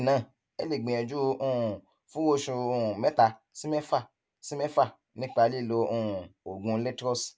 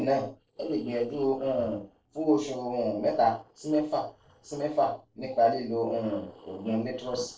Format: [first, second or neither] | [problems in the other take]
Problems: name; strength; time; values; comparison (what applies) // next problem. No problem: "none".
first | noise reduction (neural separator model SepFormer DNS4)